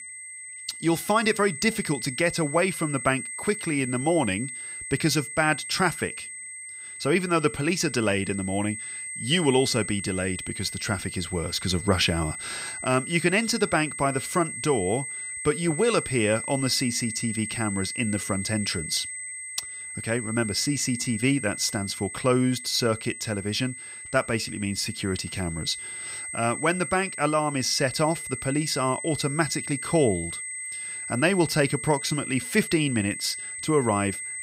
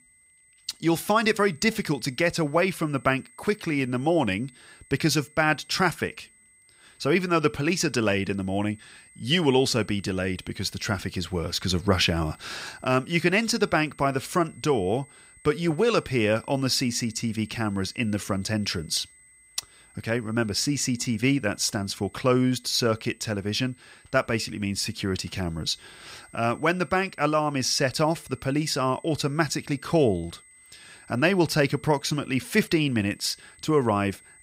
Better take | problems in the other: second | high-pitched whine; loud; throughout; 2 kHz, 7 dB below the speech; faint in the second

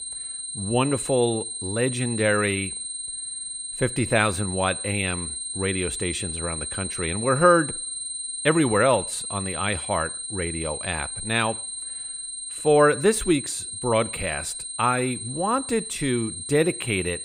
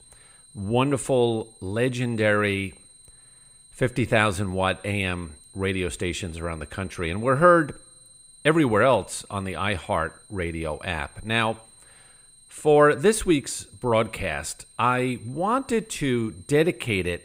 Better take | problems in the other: second | high-pitched whine; loud; throughout; 8.5 kHz, 6 dB below the speech; faint in the second

